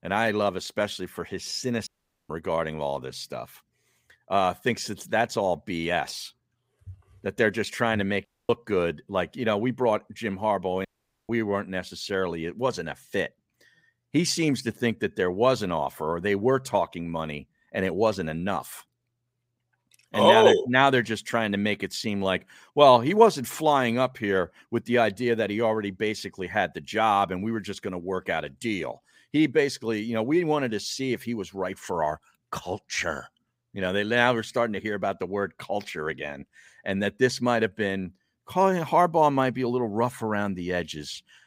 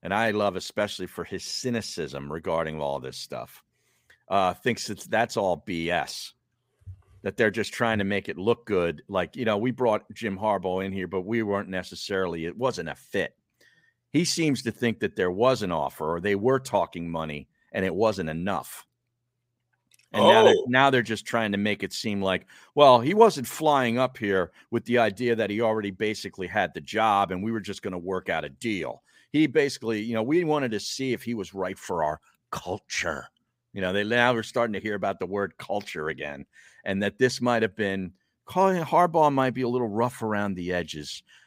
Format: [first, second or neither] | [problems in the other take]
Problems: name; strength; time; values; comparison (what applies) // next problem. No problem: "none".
second | audio cutting out; at 2 s, at 8.5 s and at 11 s